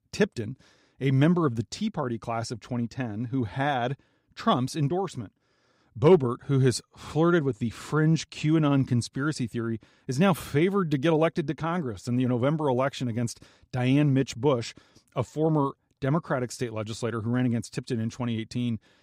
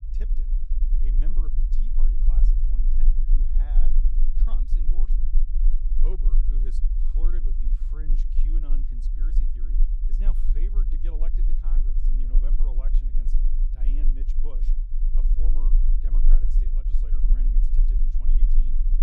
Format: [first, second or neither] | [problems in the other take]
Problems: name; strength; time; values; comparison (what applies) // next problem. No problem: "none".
first | low rumble; loud; throughout; as loud as the speech